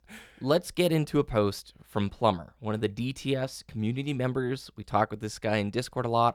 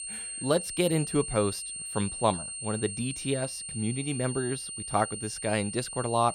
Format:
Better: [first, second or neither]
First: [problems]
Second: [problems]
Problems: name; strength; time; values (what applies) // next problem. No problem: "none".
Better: first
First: none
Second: high-pitched whine; loud; throughout; 8.5 kHz, 5 dB below the speech